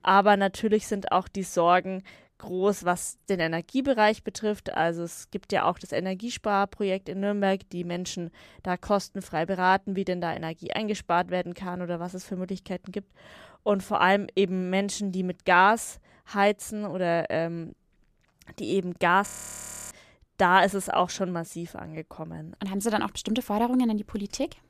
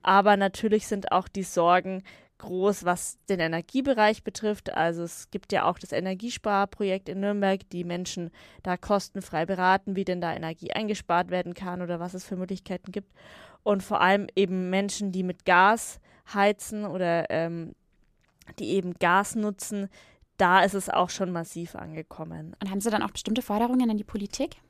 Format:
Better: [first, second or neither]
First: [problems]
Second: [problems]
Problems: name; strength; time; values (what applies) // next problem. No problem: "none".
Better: second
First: audio freezing; at 19 s for 0.5 s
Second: none